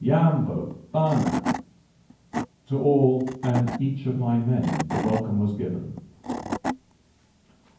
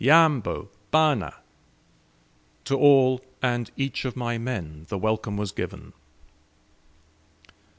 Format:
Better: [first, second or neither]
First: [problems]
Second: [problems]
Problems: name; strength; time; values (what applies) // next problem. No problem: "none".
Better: second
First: background sound (Wood / Tools); 8 dB below the speech // room echo; dies away in 0.9 s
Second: none